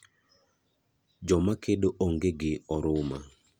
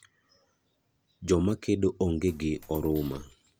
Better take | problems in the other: first | background sound (Coin (dropping)); 19 dB below the speech

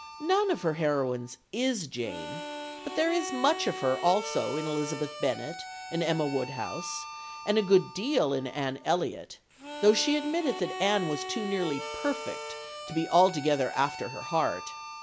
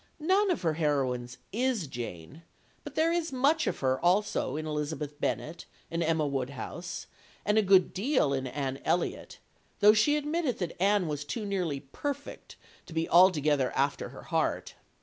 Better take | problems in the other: second | background sound (Harmonica); 11 dB below the speech

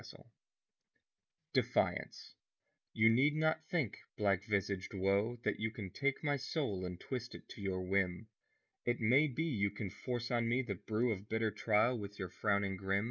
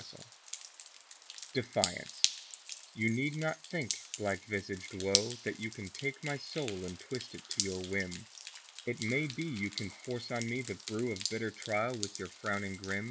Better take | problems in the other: first | background sound (Drip); 4 dB below the speech

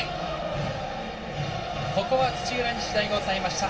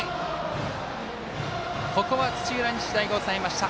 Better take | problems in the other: second | room echo; dies away in 0.2 s

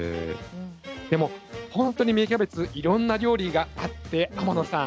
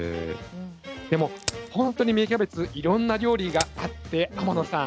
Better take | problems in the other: first | background sound (Crack); 14 dB below the speech

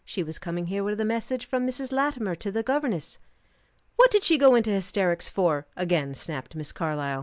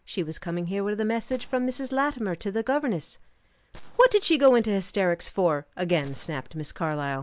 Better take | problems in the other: first | background sound (Gunshot, gunfire); 18 dB below the speech

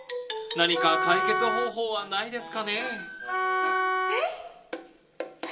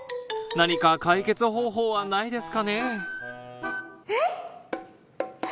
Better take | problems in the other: second | background sound (Wind instrument, woodwind instrument); as loud as the speech // room echo; dies away in 0.2 s

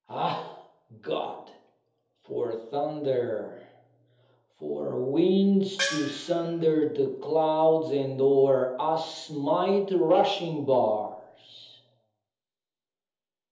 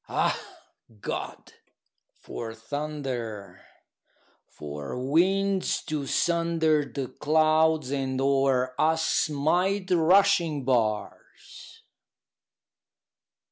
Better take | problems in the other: second | background sound (Gong); 5 dB below the speech // room echo; dies away in 0.7 s

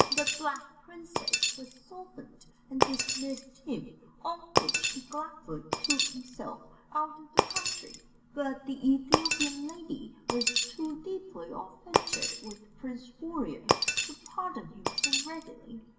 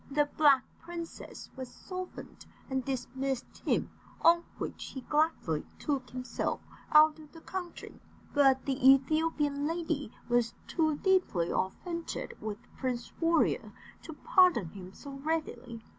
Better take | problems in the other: second | background sound (Shatter); 4 dB above the speech // room echo; dies away in 0.8 s

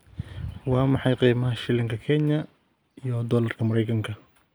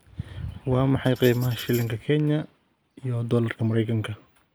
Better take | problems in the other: first | background sound (Tambourine); 19 dB below the speech

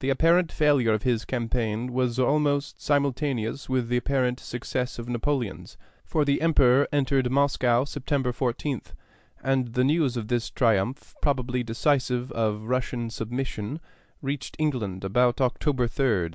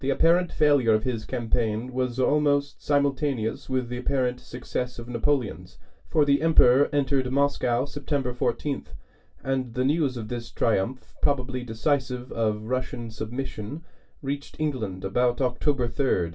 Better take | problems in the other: first | room echo; dies away in 0.2 s

